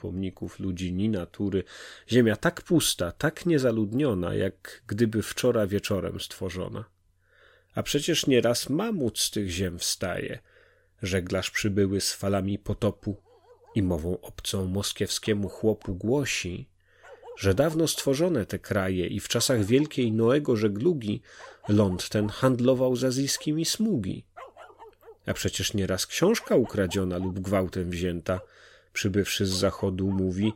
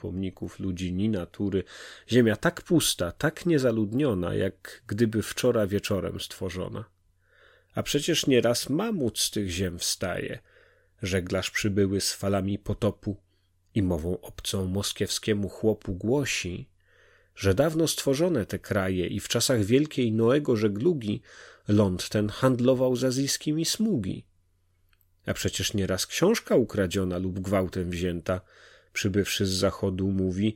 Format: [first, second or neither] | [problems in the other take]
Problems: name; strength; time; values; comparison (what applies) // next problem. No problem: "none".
second | animal sounds; faint; from 13 s on; 25 dB below the speech